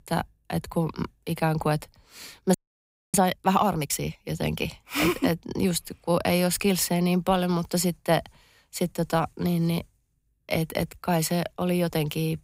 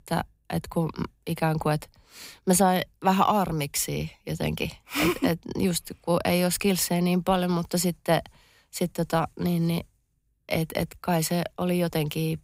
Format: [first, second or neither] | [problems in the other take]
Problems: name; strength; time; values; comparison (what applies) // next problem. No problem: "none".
second | audio freezing; at 2.5 s for 0.5 s